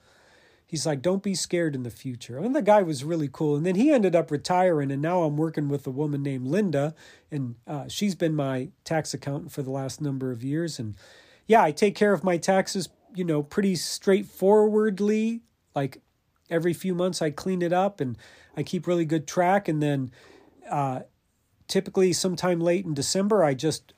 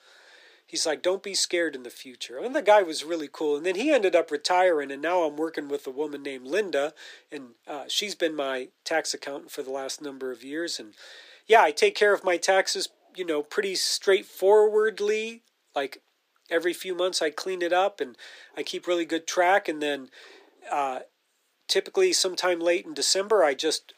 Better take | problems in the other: first | thin; very; fading below 350 Hz

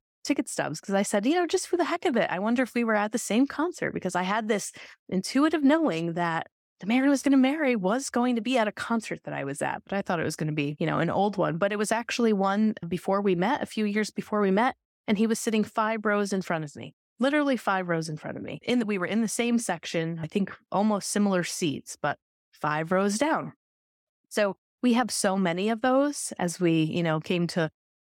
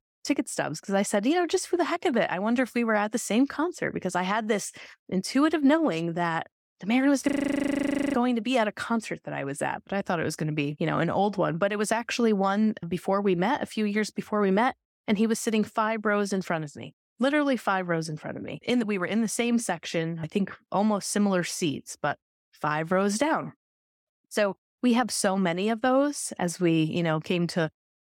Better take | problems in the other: first | audio freezing; at 7.5 s for 1 s

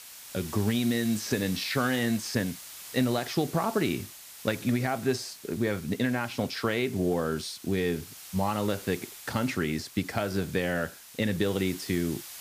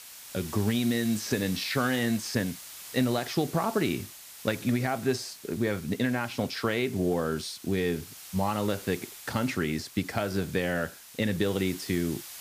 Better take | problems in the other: neither | hiss; noticeable; throughout; 15 dB below the speech; the same in both

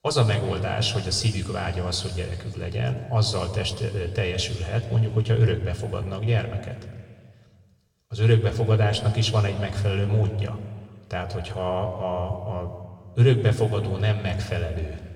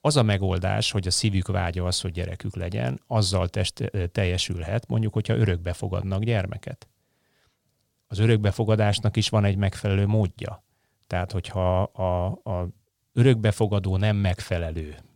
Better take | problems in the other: second | room echo; slight; dies away in 1.8 s // off-mic speech; somewhat distant

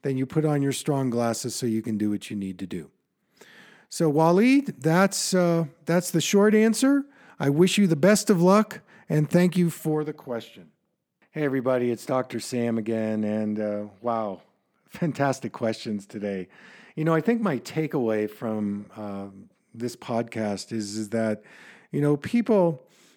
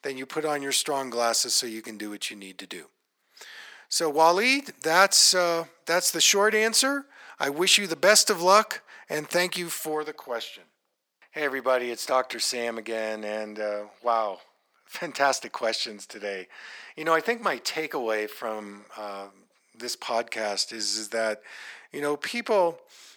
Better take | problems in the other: first | thin; very; fading below 750 Hz

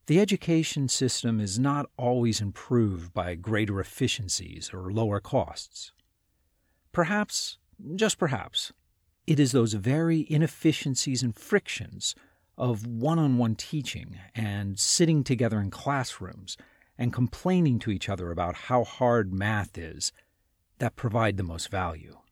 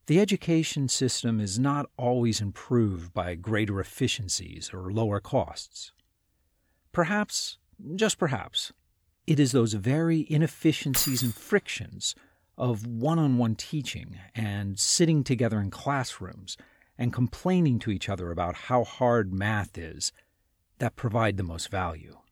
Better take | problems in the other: first | jangling keys; loud; at 11 s; peak level with the speech

